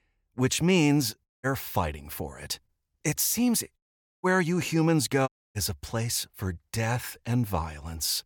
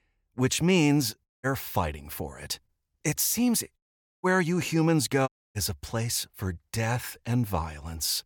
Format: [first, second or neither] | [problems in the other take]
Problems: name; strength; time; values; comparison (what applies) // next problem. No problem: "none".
neither | audio cutting out; at 1.5 s, at 4 s and at 5.5 s; the same in both